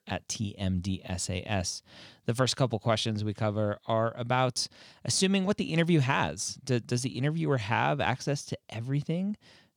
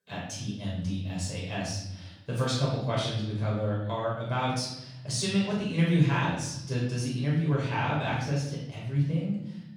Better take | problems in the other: first | off-mic speech; far // room echo; noticeable; dies away in 0.9 s

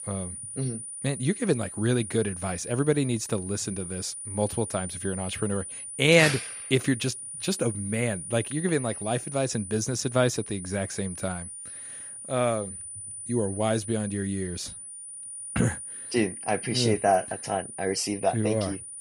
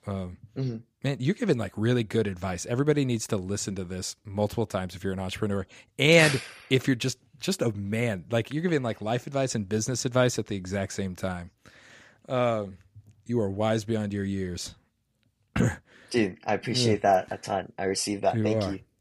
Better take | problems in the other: second | high-pitched whine; loud; throughout; 9.5 kHz, 9 dB below the speech

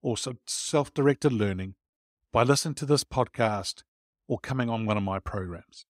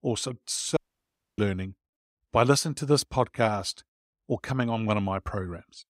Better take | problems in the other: first | audio cutting out; at 1 s for 0.5 s

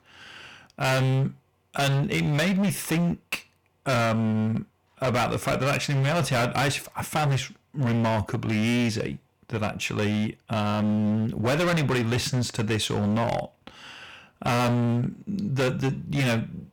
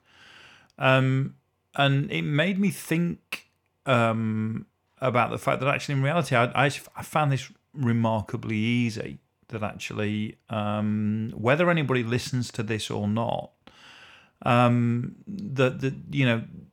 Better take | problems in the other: second | distortion; heavy; 22% of the sound clipped

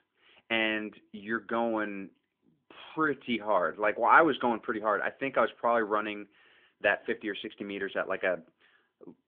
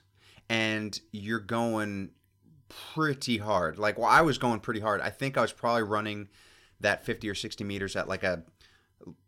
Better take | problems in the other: second | phone-call audio; nothing above 3.5 kHz

